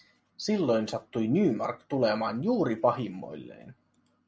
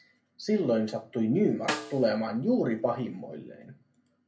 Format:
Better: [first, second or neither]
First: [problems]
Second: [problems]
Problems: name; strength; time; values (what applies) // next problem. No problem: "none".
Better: first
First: none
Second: background sound (Snare drum); 11 dB below the speech // room echo; dies away in 0.3 s